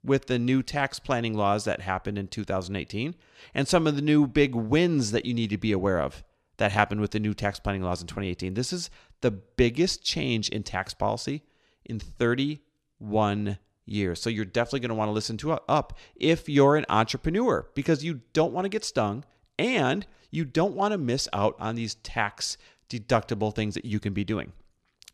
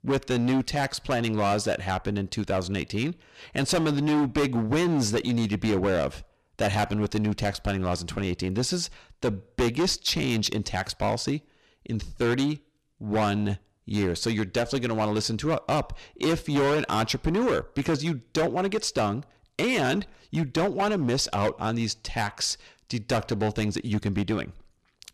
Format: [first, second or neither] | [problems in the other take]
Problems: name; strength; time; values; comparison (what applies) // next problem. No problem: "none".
first | distortion; heavy; 12% of the sound clipped